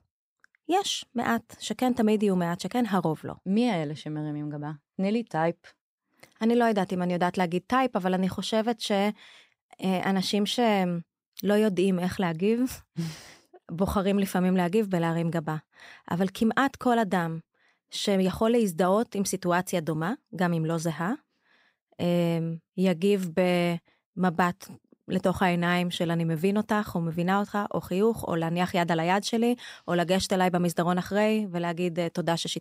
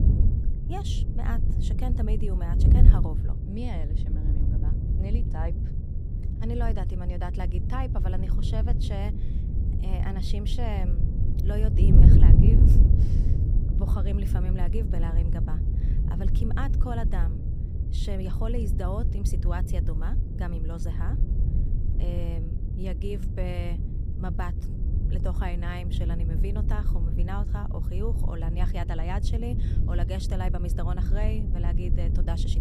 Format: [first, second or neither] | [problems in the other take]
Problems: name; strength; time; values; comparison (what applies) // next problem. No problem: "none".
first | wind noise on the microphone; heavy; 2 dB below the speech